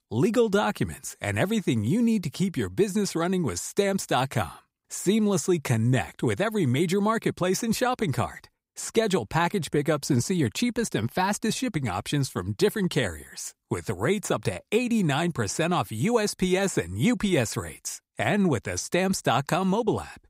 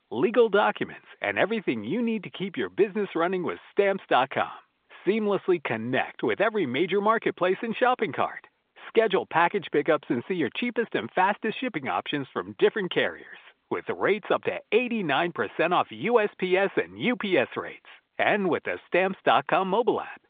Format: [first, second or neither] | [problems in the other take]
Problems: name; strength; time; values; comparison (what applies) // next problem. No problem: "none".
first | phone-call audio; nothing above 3.5 kHz